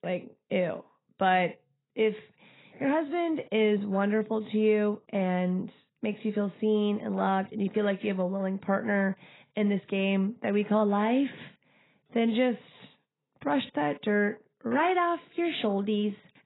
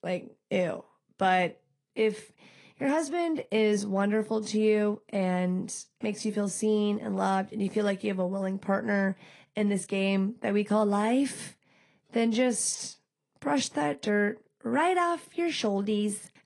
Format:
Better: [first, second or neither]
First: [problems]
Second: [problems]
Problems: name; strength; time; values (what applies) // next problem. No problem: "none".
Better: second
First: garbled, watery; badly; nothing above 4 kHz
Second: garbled, watery; slightly; nothing above 10 kHz